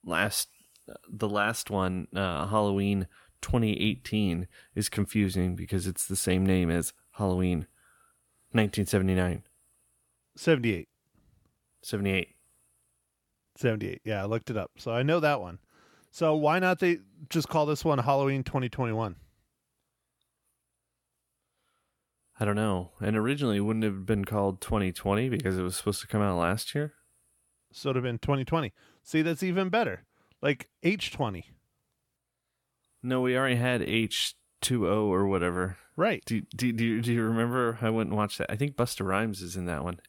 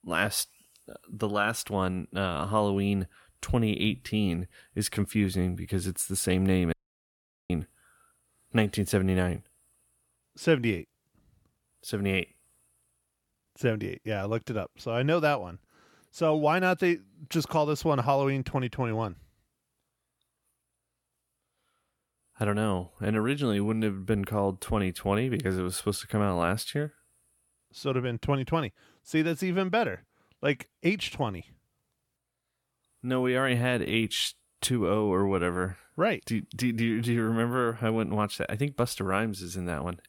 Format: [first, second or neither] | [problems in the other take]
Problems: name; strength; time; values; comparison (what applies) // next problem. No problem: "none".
first | audio cutting out; at 6.5 s for 1 s